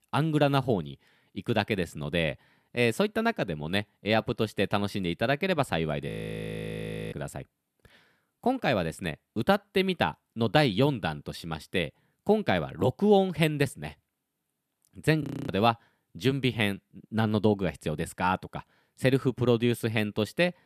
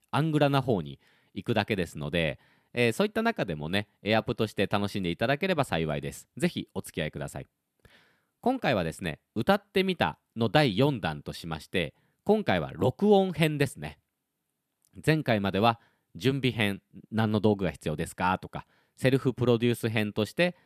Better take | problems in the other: second | audio freezing; at 6 s for 1 s and at 15 s

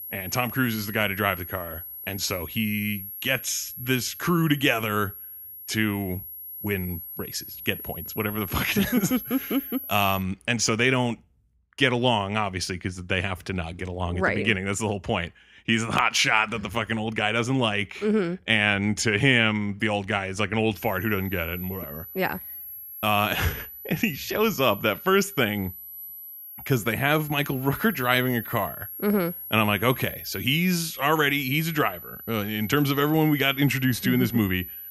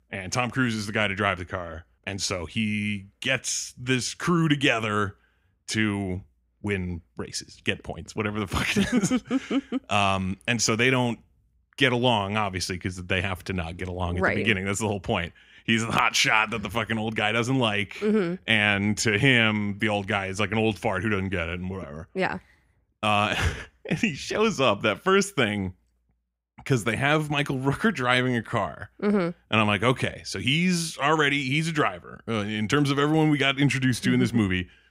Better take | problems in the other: second | high-pitched whine; noticeable; until 10 s and from 21 s on; 12 kHz, 10 dB below the speech

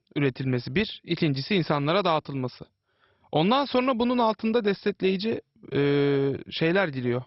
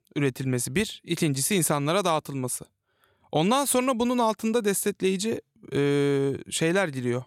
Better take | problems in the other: second | garbled, watery; badly; nothing above 5.5 kHz

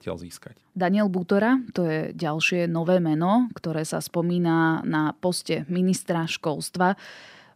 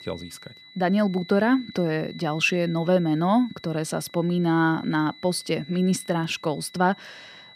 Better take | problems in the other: first | high-pitched whine; faint; throughout; 4 kHz, 20 dB below the speech

